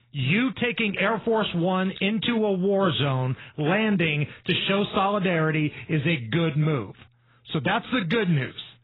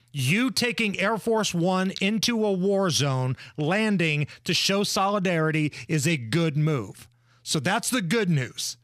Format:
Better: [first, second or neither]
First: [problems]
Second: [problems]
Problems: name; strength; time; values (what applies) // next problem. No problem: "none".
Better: second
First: garbled, watery; badly; nothing above 4 kHz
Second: none